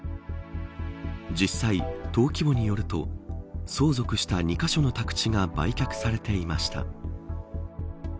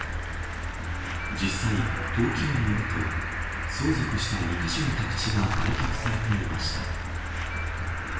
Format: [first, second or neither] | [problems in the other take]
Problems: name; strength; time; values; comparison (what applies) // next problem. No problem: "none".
first | background sound (Cricket); 5 dB below the speech // room echo; dies away in 0.7 s